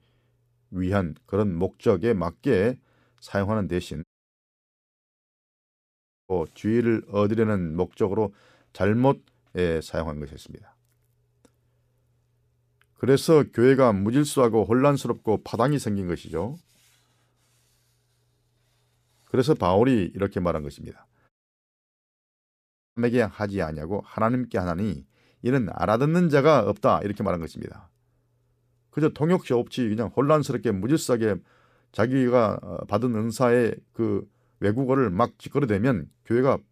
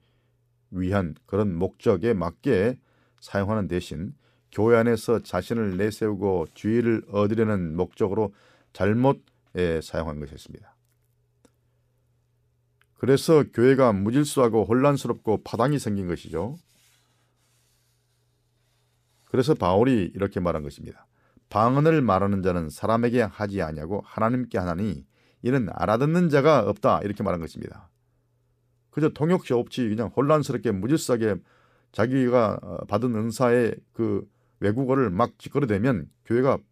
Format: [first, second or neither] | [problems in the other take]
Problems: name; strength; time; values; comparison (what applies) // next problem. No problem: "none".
second | audio cutting out; at 4 s for 2.5 s and at 21 s for 1.5 s